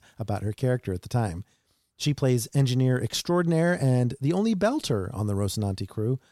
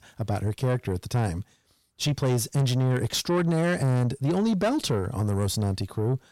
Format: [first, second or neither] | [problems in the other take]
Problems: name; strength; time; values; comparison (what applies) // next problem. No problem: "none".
first | distortion; slight; 10 dB below the speech